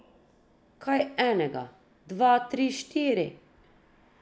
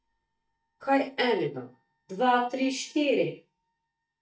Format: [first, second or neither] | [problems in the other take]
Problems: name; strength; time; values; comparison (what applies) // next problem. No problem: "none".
first | noise reduction (neural mask model DeepFilterNet 3)